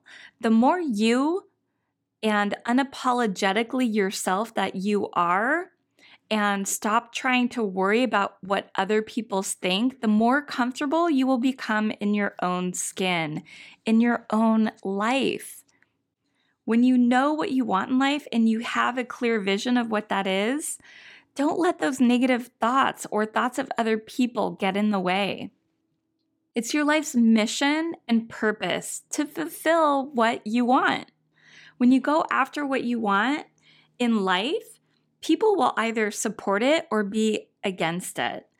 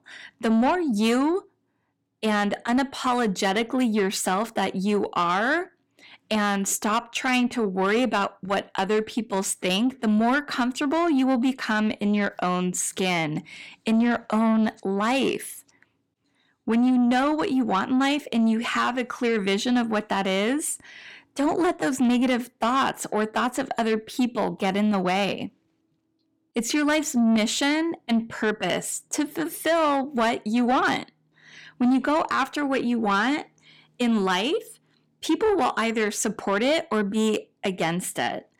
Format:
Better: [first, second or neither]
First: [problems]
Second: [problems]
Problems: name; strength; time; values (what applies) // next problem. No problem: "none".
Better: first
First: none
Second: distortion; slight; 10 dB below the speech